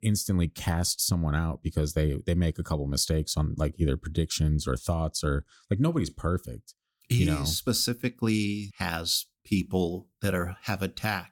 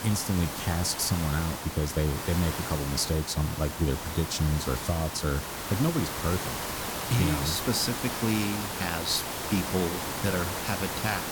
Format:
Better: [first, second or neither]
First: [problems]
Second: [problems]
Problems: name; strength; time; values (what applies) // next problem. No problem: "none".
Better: first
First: none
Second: hiss; loud; throughout; 4 dB below the speech